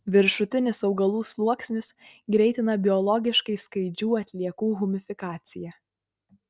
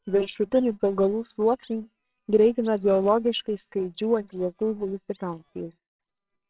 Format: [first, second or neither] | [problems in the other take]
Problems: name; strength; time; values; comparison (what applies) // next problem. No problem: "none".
first | noise reduction (neural separator model SepFormer WHAMR!)